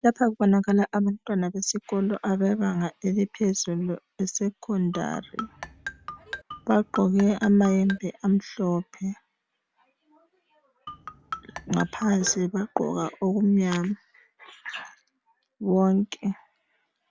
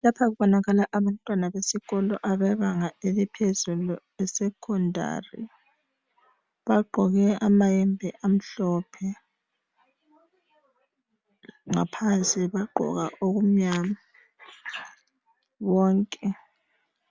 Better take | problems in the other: second | background sound (Marimba, xylophone); 13 dB below the speech

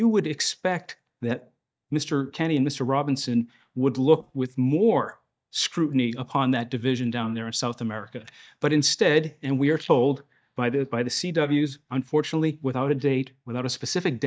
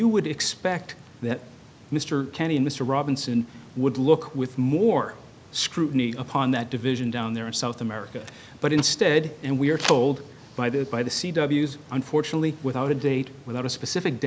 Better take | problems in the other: second | noise reduction (neural mask model DeepFilterNet 3)

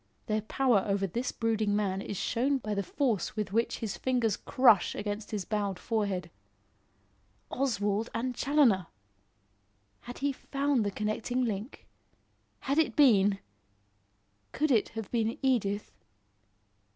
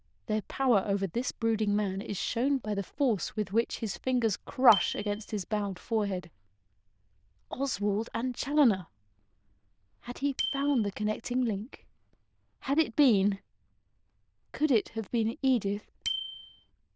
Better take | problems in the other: first | noise reduction (neural diffusion model UNIVERSE++)

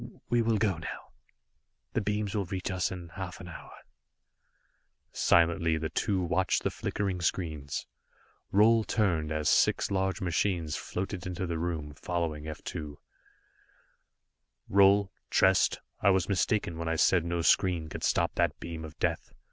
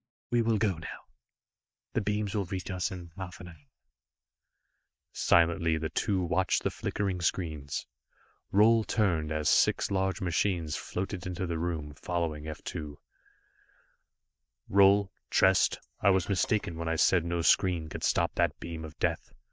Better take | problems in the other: first | noise reduction (neural mask model DeepFilterNet 3)

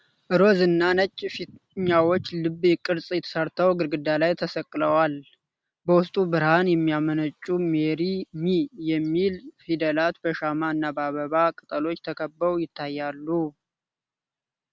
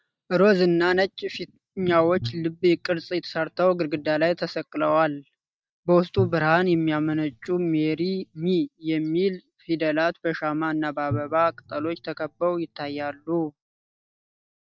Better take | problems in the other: first | noise reduction (neural mask model DeepFilterNet 3)

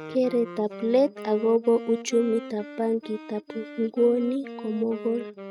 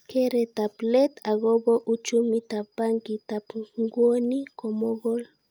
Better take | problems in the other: second | noise reduction (neural mask model RNNoise)

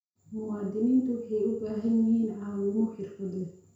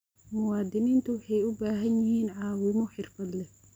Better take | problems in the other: second | room echo; dies away in 0.6 s

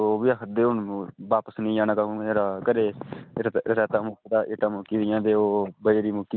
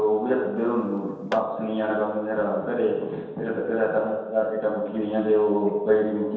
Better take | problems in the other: first | background sound (Tap / Hammer); 15 dB below the speech // room echo; dies away in 1.2 s

